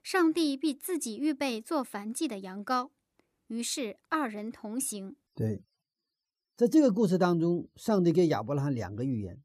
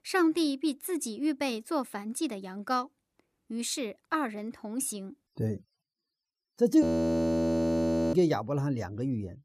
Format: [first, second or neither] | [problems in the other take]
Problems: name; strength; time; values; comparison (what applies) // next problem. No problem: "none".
first | audio freezing; at 7 s for 1.5 s